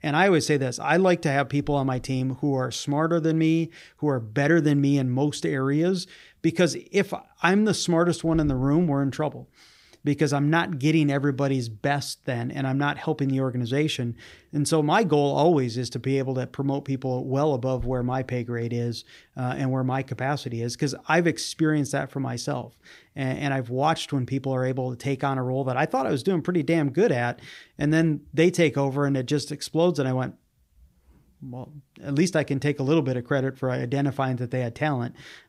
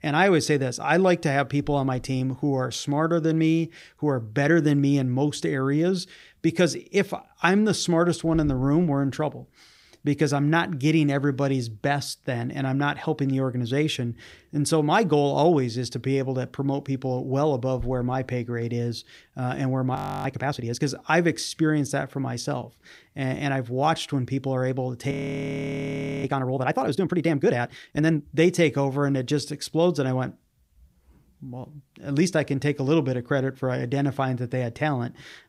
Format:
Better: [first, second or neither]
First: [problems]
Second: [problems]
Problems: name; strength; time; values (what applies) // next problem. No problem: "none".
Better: first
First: none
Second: audio freezing; at 20 s and at 25 s for 1 s